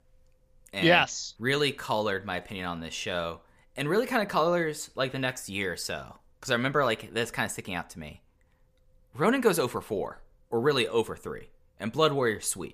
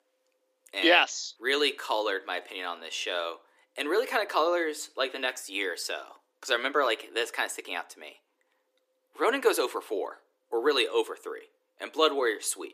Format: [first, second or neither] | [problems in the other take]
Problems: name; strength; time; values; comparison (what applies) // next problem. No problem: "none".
first | thin; somewhat; fading below 300 Hz